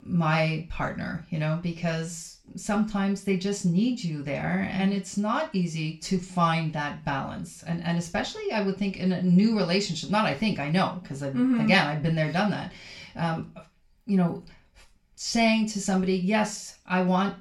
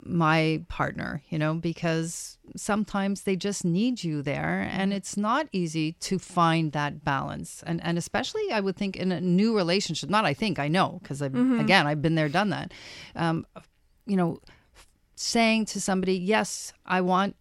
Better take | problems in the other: second | room echo; slight; dies away in 0.3 s // off-mic speech; far

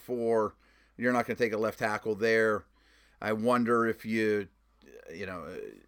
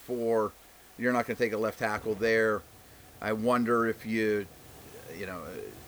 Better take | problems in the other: first | hiss; faint; throughout; 20 dB below the speech

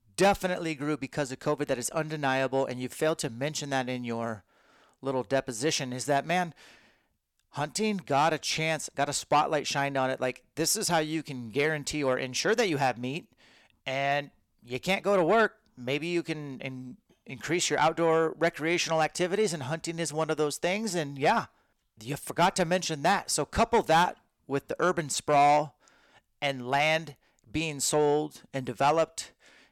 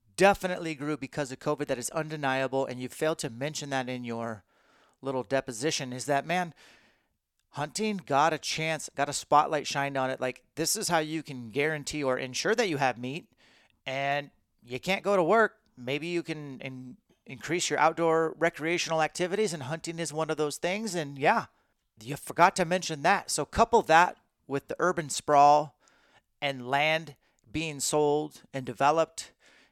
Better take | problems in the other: second | distortion; slight; 10 dB below the speech

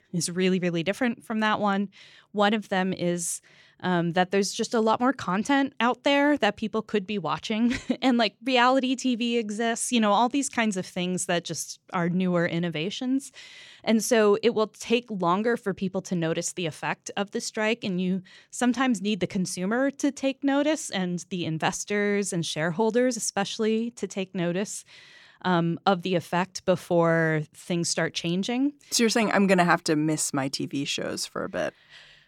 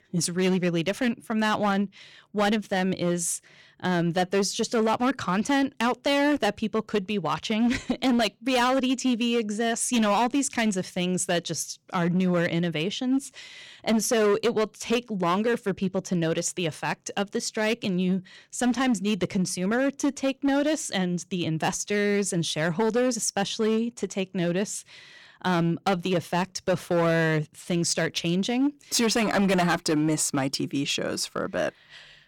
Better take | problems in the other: first | distortion; slight; 9% of the sound clipped

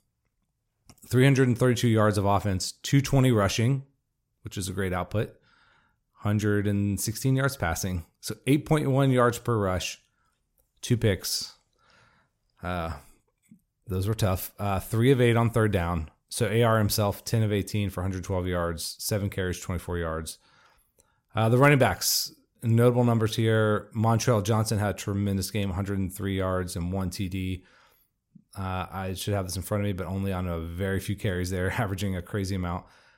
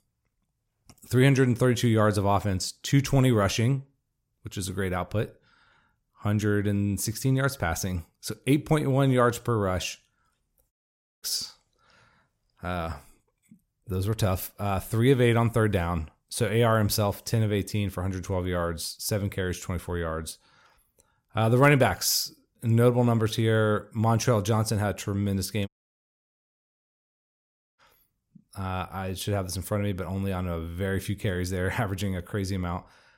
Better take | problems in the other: first | audio cutting out; at 11 s for 0.5 s and at 26 s for 2 s

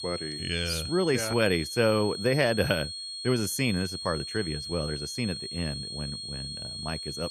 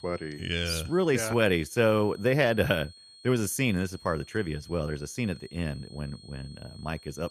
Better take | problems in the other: second | high-pitched whine; loud; throughout; 4.5 kHz, 6 dB below the speech; faint in the second

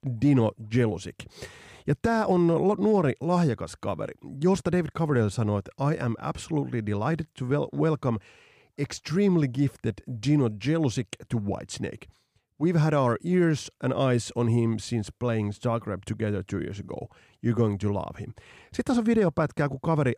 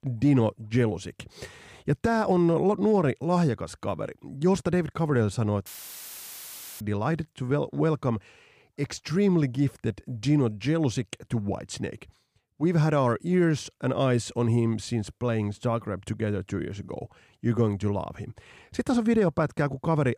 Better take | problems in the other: first | audio cutting out; filled with static; at 5.5 s for 1 s

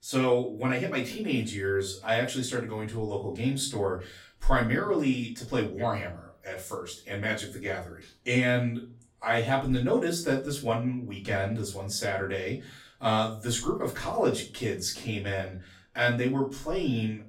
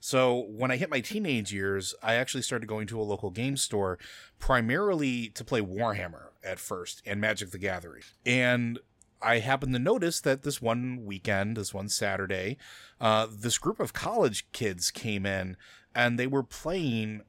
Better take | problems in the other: second | room echo; slight; dies away in 0.3 s // off-mic speech; far

